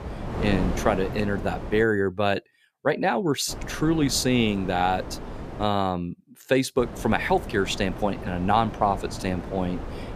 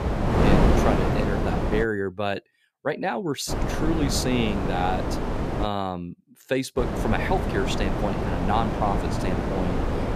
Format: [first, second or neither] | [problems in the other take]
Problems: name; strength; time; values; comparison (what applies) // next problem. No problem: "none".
first | wind noise on the microphone; heavy; until 2 s, from 3.5 to 5.5 s and from 7 s on; as loud as the speech; occasional gusts in the first